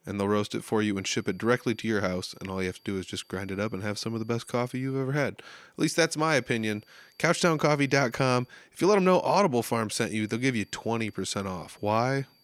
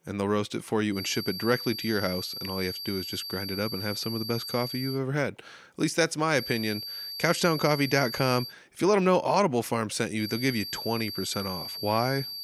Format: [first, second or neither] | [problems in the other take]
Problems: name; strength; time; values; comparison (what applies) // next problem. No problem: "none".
first | high-pitched whine; loud; from 1 to 5 s, from 6.5 to 8.5 s and from 10 s on; 4.5 kHz, 7 dB below the speech; faint in the first